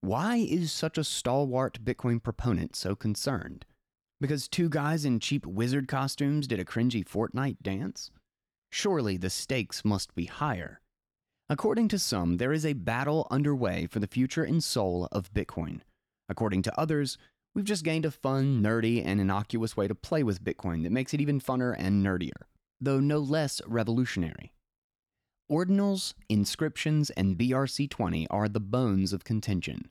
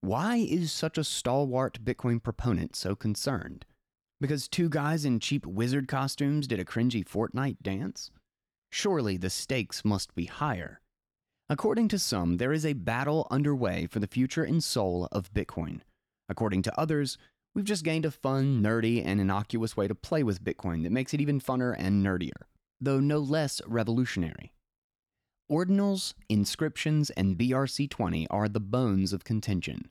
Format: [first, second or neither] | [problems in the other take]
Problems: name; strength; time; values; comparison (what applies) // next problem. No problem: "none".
neither | none